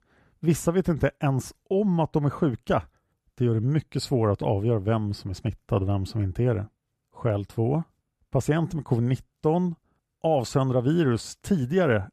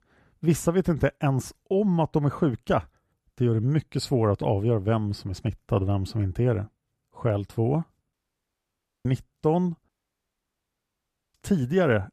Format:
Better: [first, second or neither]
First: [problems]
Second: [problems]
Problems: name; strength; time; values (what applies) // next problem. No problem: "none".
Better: first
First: none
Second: audio cutting out; at 8 s for 1 s and at 10 s for 1.5 s